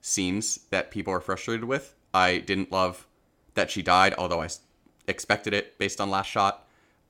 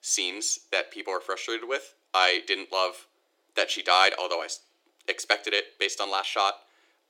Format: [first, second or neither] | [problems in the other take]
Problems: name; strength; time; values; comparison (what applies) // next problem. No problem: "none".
first | thin; very; fading below 350 Hz